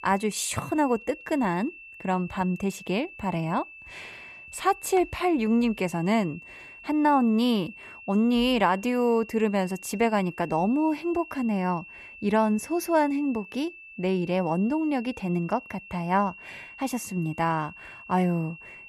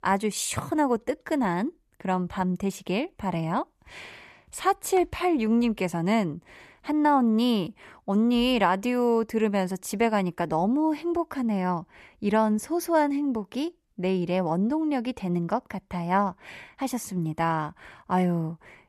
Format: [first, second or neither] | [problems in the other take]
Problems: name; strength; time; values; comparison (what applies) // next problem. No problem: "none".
second | high-pitched whine; noticeable; throughout; 2.5 kHz, 15 dB below the speech